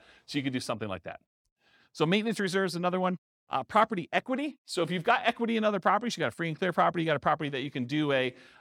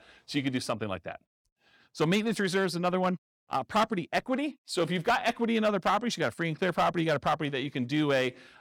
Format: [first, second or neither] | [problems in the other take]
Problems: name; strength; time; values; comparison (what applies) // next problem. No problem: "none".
first | distortion; slight; 3% of the sound clipped